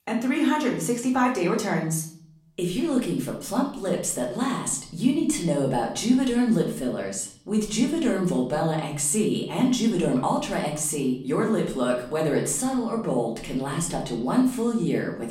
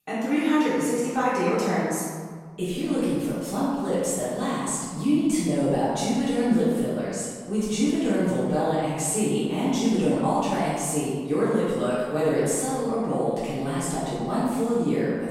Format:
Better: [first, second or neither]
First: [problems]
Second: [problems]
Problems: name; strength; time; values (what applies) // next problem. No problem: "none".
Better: first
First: room echo; slight; dies away in 0.6 s // off-mic speech; far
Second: room echo; strong; dies away in 1.6 s // off-mic speech; far